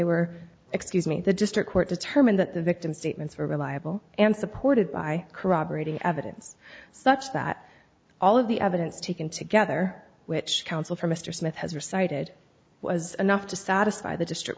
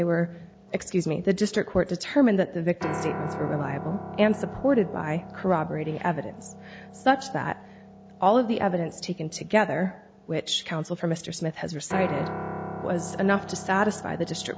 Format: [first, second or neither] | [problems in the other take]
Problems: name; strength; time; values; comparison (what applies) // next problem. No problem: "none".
first | background sound (Piano); 12 dB below the speech